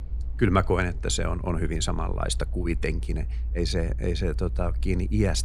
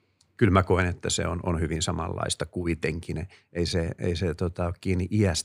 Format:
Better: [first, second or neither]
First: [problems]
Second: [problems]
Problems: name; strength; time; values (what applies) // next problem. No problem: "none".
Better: second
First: low rumble; faint; throughout; 25 dB below the speech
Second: none